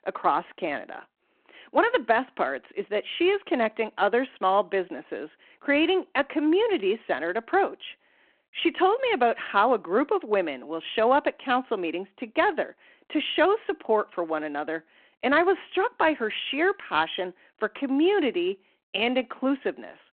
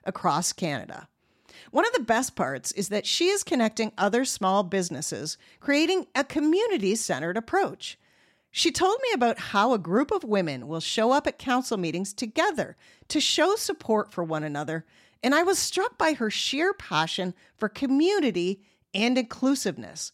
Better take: second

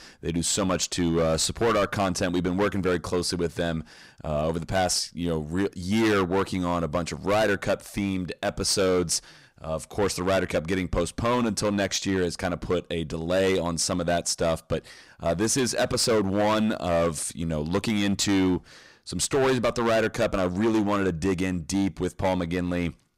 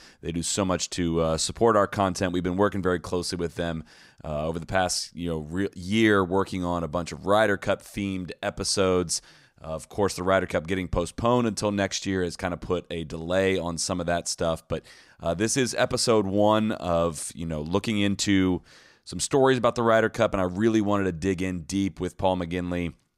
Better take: second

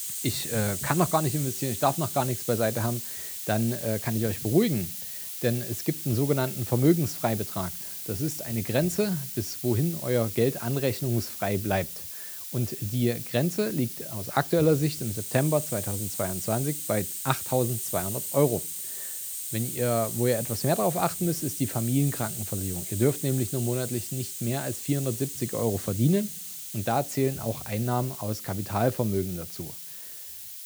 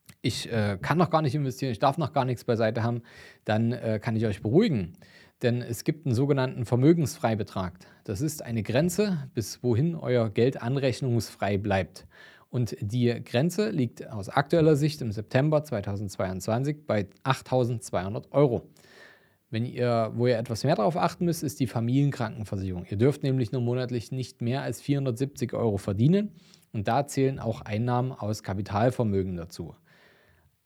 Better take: second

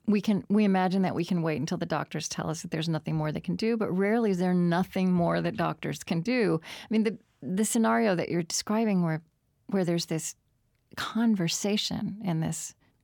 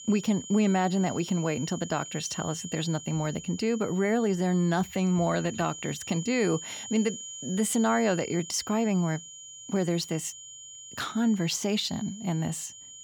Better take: first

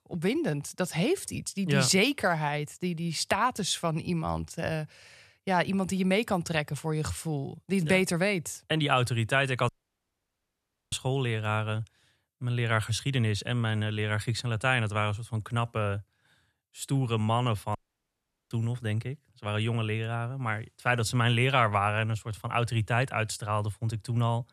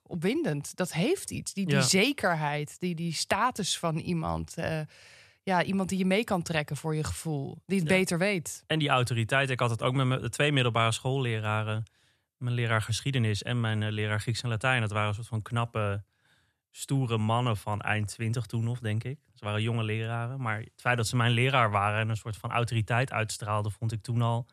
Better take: second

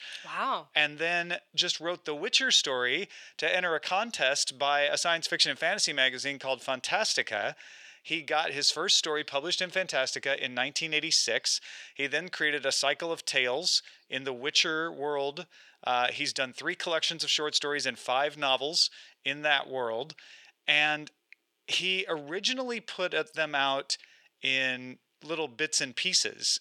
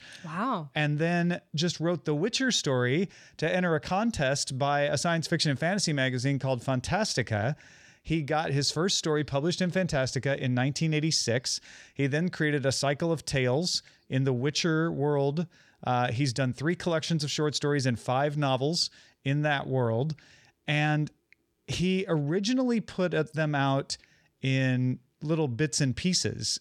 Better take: second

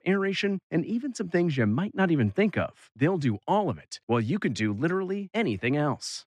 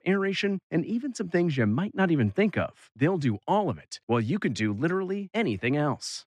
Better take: neither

